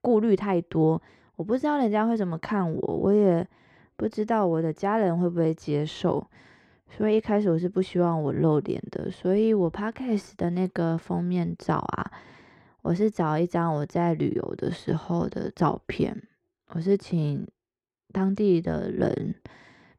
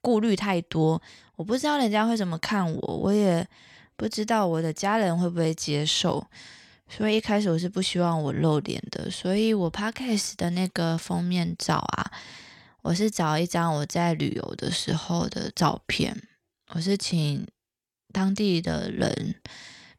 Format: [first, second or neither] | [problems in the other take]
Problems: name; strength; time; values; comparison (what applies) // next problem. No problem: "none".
second | muffled; very; fading above 2.5 kHz